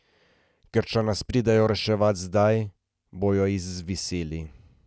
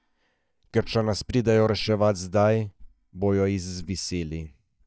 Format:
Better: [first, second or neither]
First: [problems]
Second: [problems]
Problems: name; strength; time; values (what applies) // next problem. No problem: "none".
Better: first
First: none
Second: noise reduction (neural mask model DeepFilterNet 3)